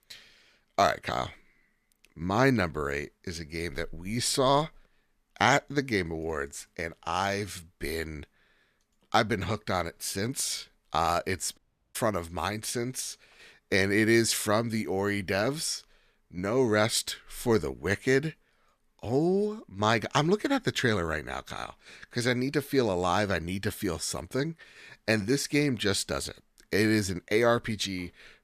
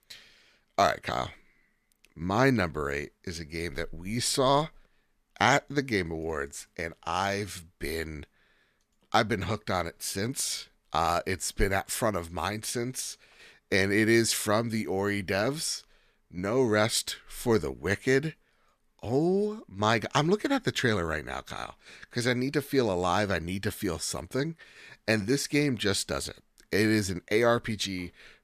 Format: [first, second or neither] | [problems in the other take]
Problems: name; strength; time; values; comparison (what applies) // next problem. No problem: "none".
second | audio cutting out; at 12 s